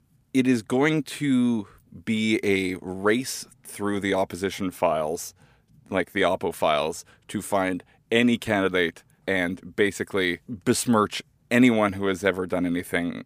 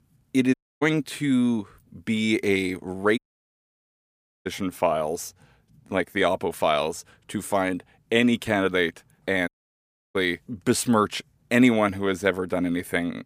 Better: first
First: none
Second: audio cutting out; at 0.5 s, at 3 s for 1.5 s and at 9.5 s for 0.5 s

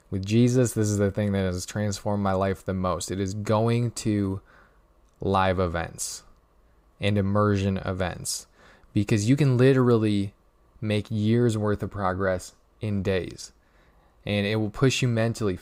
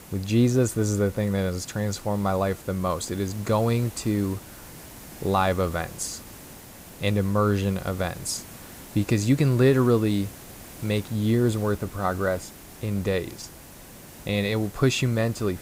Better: first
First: none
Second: hiss; noticeable; throughout; 20 dB below the speech

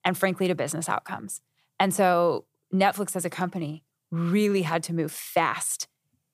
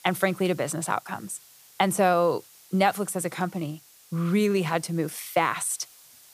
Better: first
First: none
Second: hiss; faint; throughout; 25 dB below the speech

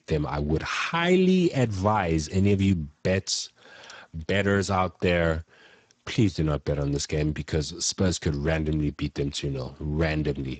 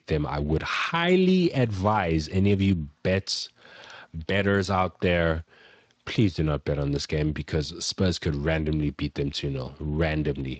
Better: second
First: garbled, watery; badly; nothing above 8 kHz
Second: garbled, watery; slightly; nothing above 8 kHz

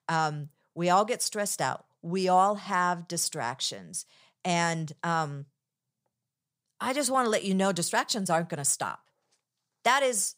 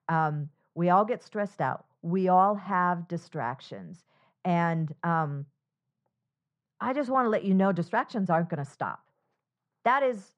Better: first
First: none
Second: muffled; very; fading above 1.5 kHz

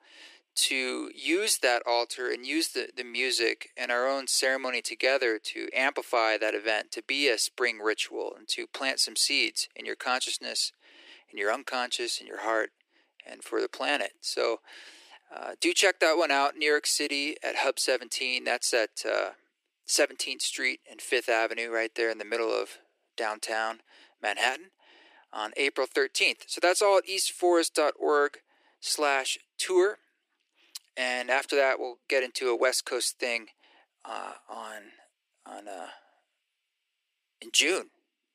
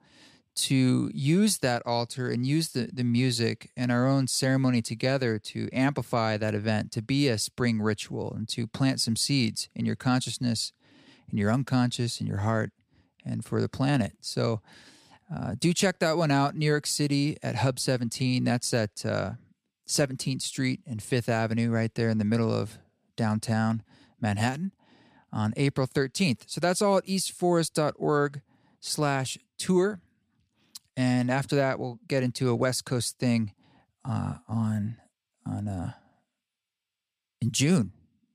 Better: second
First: thin; very; fading below 350 Hz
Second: none

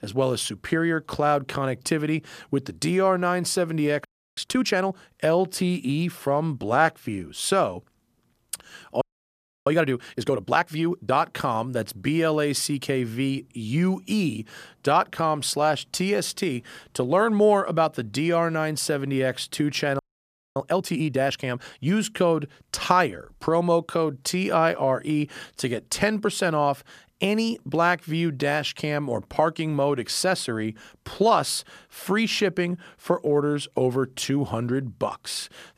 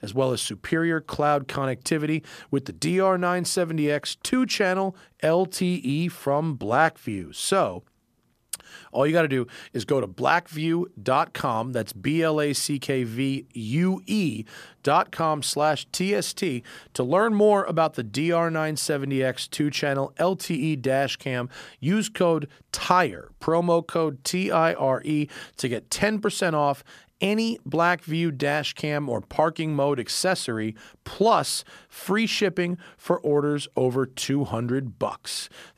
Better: second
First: audio freezing; at 4 s, at 9 s for 0.5 s and at 20 s for 0.5 s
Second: none

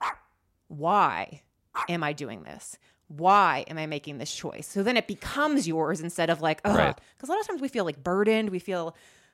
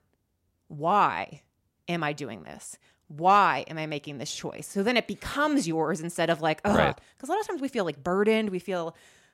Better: second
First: dog barking; noticeable; until 2 s; peak 7 dB below the speech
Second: none

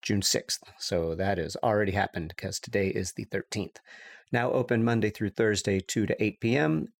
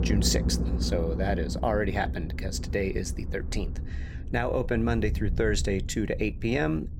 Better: first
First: none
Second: low rumble; noticeable; throughout; 15 dB below the speech

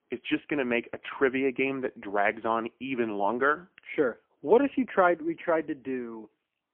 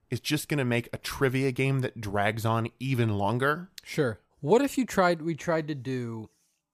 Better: second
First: phone-call audio; poor line; nothing above 3 kHz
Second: none

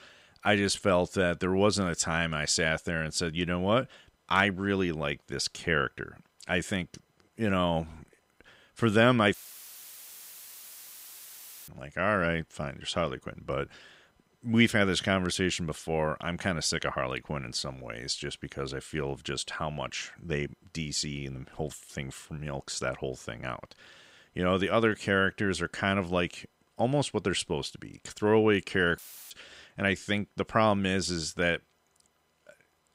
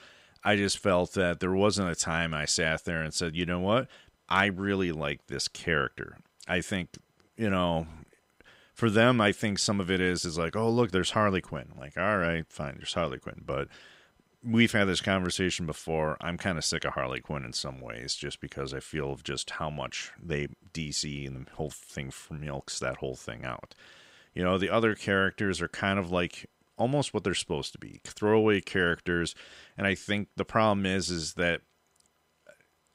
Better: second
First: audio cutting out; filled with static; at 9.5 s for 2.5 s and at 29 s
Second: none

